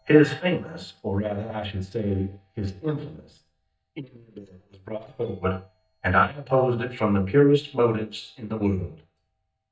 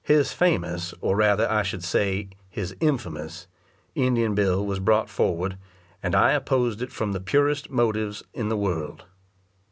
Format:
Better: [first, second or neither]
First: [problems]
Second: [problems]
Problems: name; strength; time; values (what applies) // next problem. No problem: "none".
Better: second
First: noise reduction (neural mask model DeepFilterNet 3)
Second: none